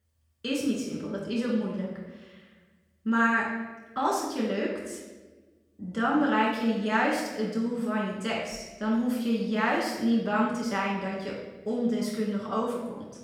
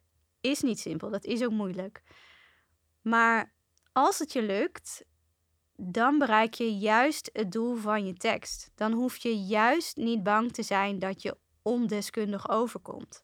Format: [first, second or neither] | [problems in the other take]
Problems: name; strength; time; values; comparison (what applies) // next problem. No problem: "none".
second | off-mic speech; far // room echo; noticeable; dies away in 1 s